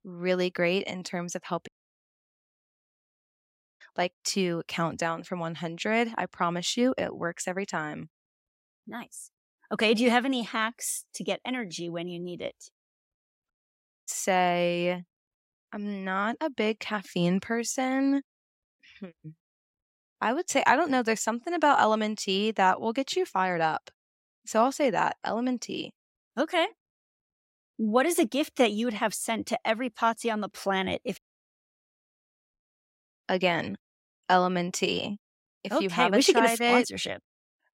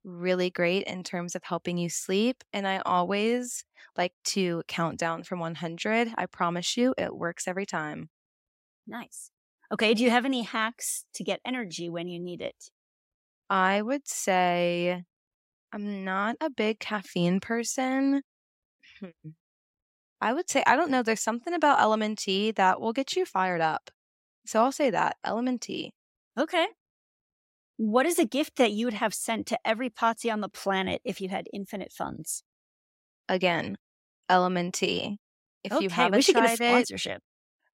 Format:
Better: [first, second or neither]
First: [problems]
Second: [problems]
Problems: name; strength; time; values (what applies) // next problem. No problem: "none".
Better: second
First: audio cutting out; at 1.5 s for 2 s, at 14 s for 0.5 s and at 31 s for 1.5 s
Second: none